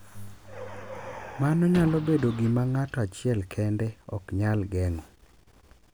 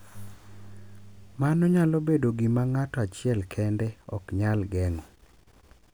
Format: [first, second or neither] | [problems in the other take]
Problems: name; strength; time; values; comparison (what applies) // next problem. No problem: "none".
second | background sound (Car); 14 dB below the speech